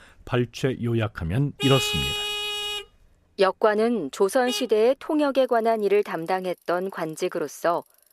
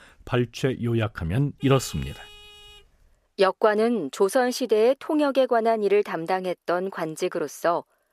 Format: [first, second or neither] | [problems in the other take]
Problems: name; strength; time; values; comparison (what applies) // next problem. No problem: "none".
second | traffic noise; loud; throughout; 3 dB below the speech; faint in the second